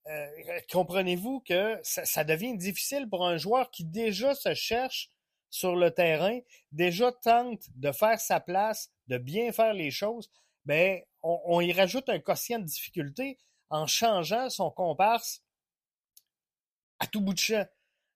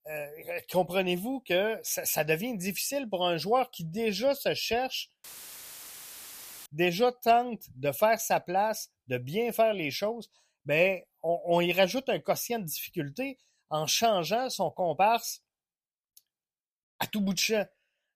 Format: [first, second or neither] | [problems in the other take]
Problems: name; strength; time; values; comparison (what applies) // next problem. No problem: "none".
first | audio cutting out; filled with static; at 5 s for 1.5 s